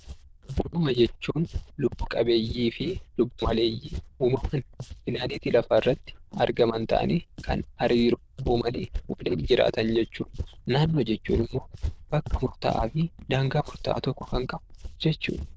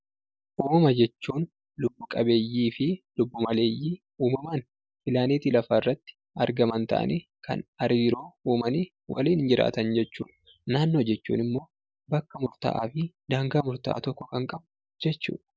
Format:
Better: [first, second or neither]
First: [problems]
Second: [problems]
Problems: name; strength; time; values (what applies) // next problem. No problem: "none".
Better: second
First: noise reduction (neural diffusion model UNIVERSE++)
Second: none